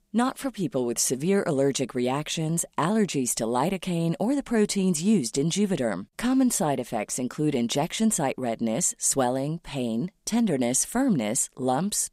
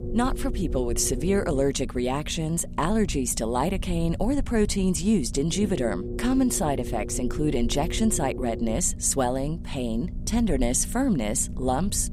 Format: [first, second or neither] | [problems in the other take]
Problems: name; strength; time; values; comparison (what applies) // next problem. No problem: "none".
first | low rumble; noticeable; throughout; 15 dB below the speech